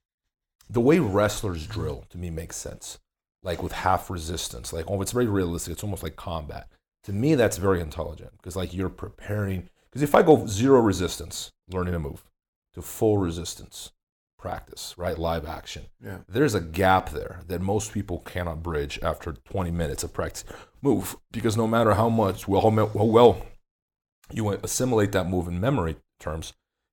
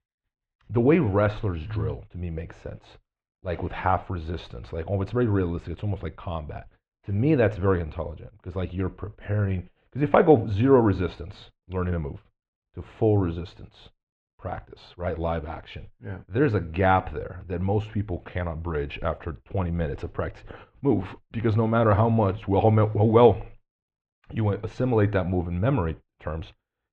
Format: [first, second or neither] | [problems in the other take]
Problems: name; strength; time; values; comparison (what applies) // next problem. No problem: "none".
first | muffled; very; fading above 3 kHz